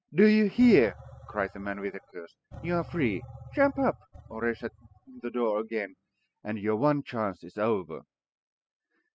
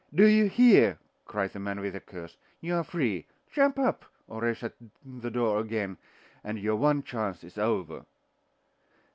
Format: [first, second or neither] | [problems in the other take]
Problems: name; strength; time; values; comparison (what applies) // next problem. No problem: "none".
second | noise reduction (classical method spectral subtraction)